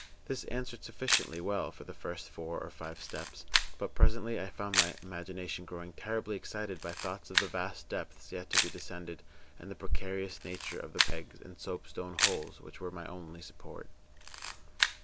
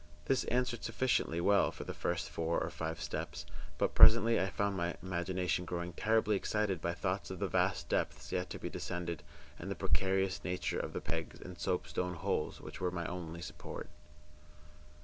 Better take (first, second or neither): second